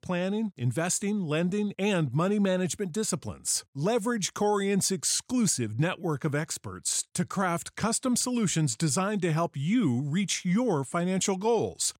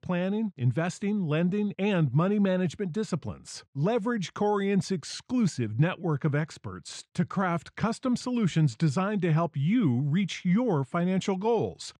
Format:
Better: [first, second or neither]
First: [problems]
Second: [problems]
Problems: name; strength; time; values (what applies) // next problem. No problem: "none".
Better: first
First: none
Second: muffled; slightly; fading above 3.5 kHz